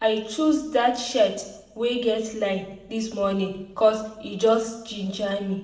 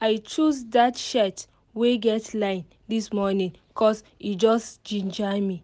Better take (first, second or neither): second